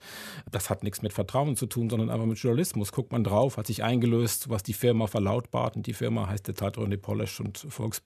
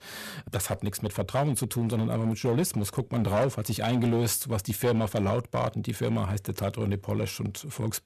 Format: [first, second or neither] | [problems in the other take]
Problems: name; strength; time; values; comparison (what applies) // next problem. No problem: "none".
first | distortion; slight; 6% of the sound clipped